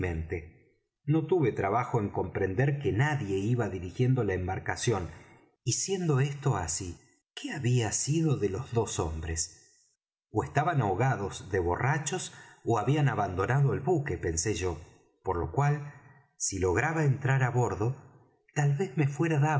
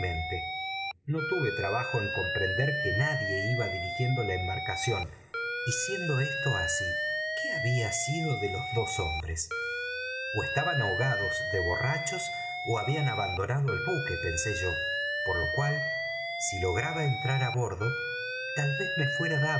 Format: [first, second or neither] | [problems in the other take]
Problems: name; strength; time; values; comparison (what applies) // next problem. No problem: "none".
first | background sound (Alarm); 1 dB below the speech // room echo; dies away in 0.9 s